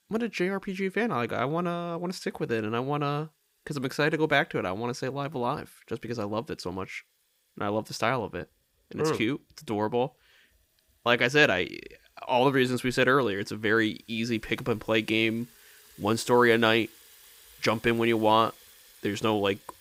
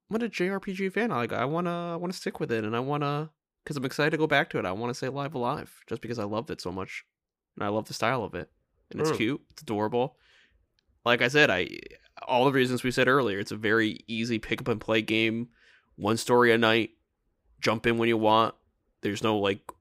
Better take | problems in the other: second | household noises; faint; throughout; 25 dB below the speech

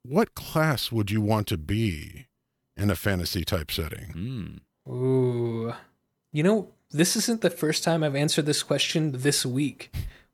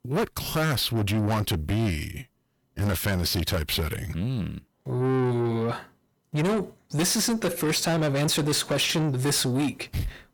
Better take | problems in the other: first | distortion; heavy; 6 dB below the speech

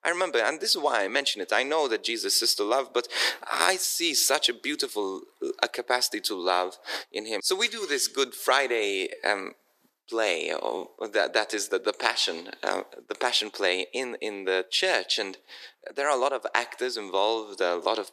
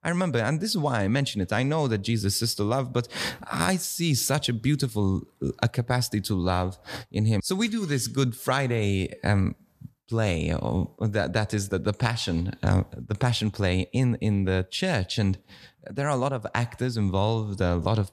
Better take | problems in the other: second | thin; very; fading below 350 Hz

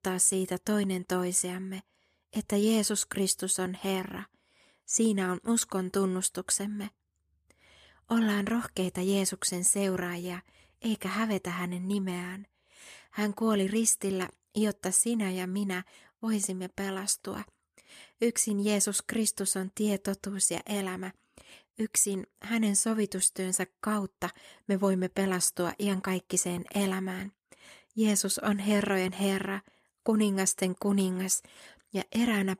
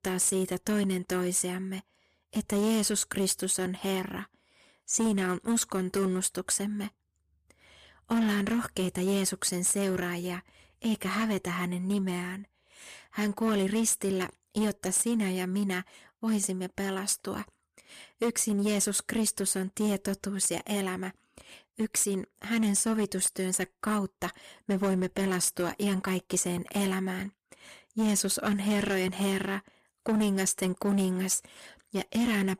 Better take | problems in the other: first | distortion; slight; 8% of the sound clipped

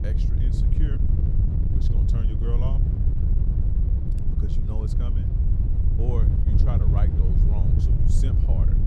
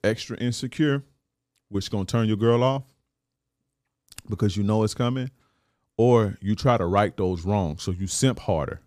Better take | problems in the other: second | wind noise on the microphone; heavy; 3 dB above the speech

